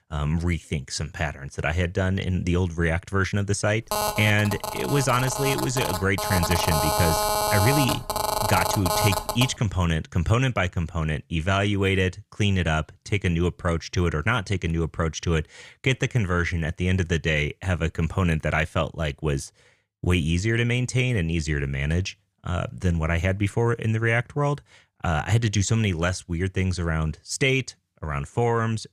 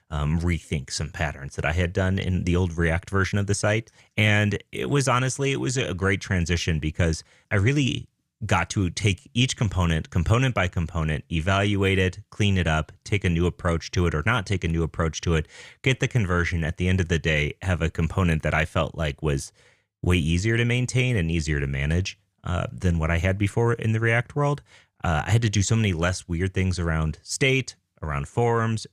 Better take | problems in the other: second | phone ringing; loud; from 4 to 9.5 s; peak 2 dB above the speech

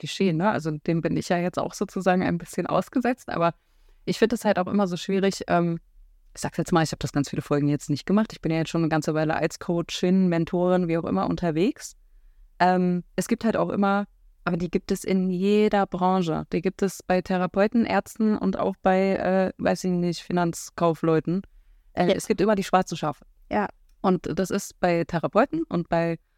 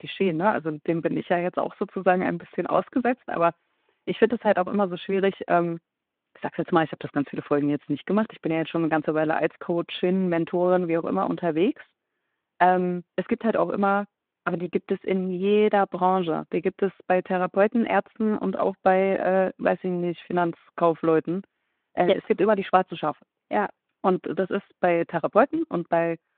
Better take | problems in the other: first | phone-call audio

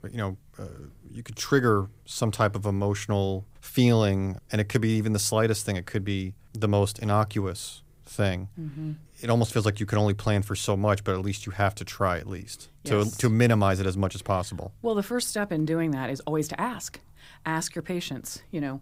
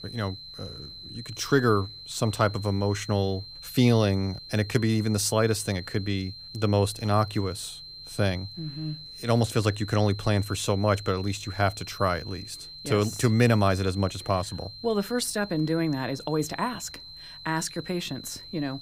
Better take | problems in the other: first | high-pitched whine; noticeable; throughout; 4 kHz, 15 dB below the speech

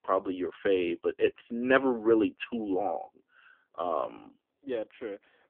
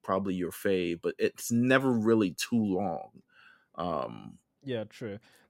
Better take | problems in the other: second | phone-call audio; poor line; nothing above 3 kHz

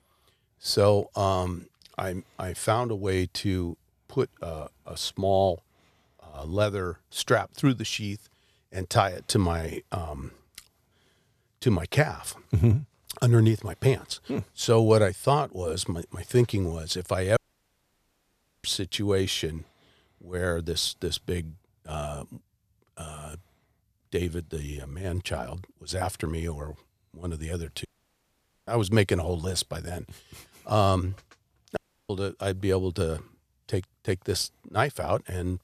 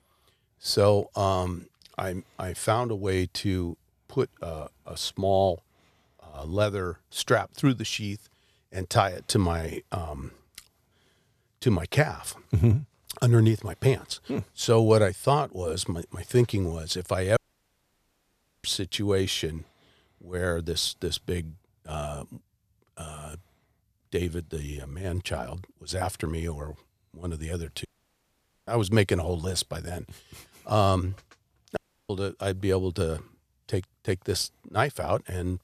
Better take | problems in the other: neither | audio cutting out; at 17 s for 1.5 s, at 28 s for 1 s and at 32 s; the same in both

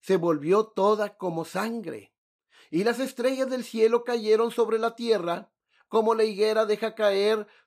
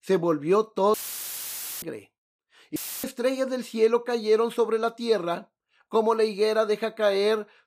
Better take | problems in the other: first | audio cutting out; filled with static; at 1 s for 1 s and at 3 s

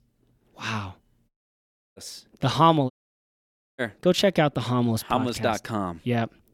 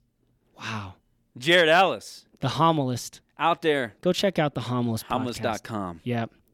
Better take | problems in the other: second | audio cutting out; at 1.5 s for 0.5 s and at 3 s for 1 s

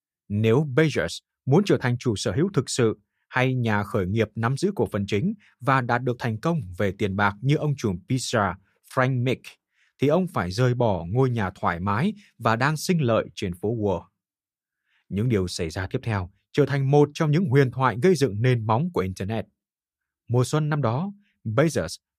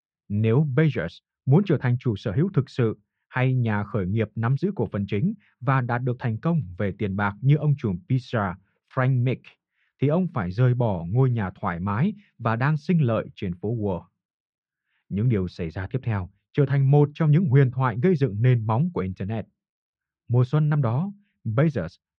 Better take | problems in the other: first | muffled; slightly; fading above 3 kHz

